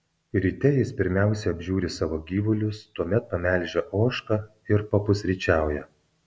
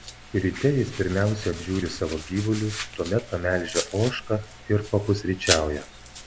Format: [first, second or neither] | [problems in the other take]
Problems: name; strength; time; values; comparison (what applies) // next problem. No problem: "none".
first | background sound (Domestic sounds, home sounds); 10 dB below the speech